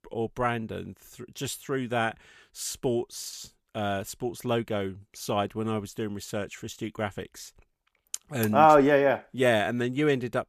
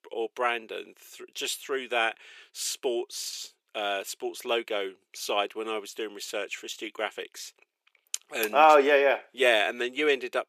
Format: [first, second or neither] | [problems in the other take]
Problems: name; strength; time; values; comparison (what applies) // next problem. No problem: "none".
first | thin; somewhat; fading below 400 Hz